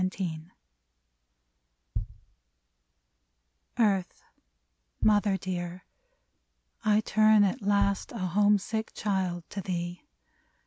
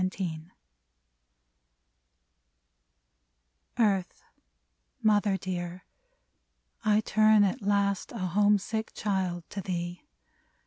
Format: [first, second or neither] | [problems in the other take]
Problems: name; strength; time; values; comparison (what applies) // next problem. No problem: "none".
second | background sound (Bass drum); 9 dB below the speech